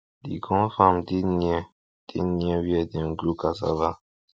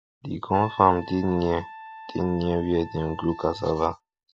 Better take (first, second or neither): first